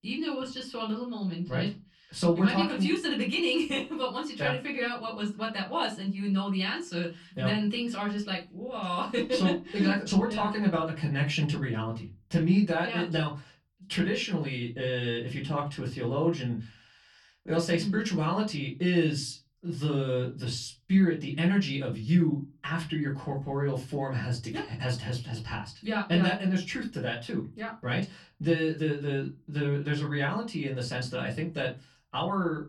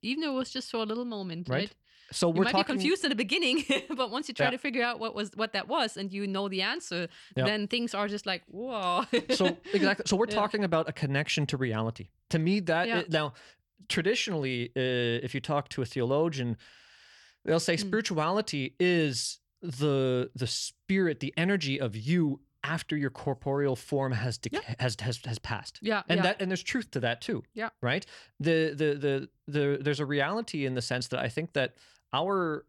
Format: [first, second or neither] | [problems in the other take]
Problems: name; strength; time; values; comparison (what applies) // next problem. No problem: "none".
second | off-mic speech; far // room echo; very slight; dies away in 0.3 s